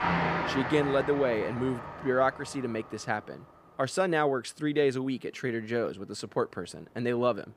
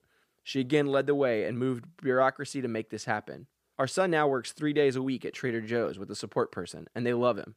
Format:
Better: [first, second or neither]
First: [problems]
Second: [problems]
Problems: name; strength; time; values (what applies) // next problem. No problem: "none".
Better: second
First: train or aircraft noise; loud; throughout; 5 dB below the speech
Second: none